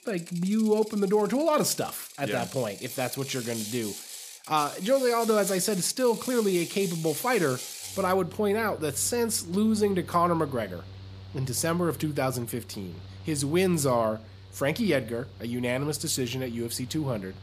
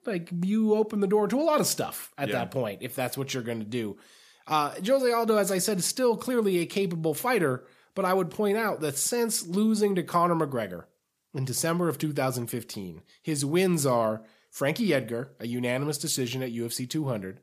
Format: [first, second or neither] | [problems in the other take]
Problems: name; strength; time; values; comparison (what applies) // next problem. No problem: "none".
second | machinery noise; noticeable; throughout; 15 dB below the speech